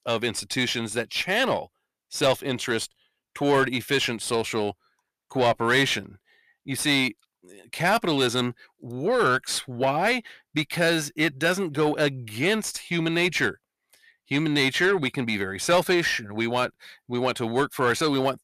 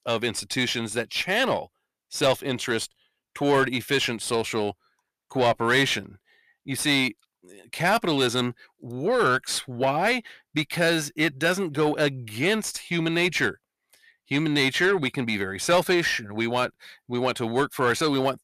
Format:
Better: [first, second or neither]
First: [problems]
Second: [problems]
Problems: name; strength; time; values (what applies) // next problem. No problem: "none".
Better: neither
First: distortion; slight; 10 dB below the speech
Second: distortion; slight; 10 dB below the speech